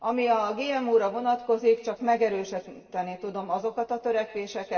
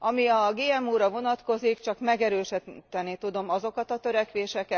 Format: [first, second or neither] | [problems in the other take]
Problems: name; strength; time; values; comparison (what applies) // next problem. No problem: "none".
second | room echo; dies away in 1.6 s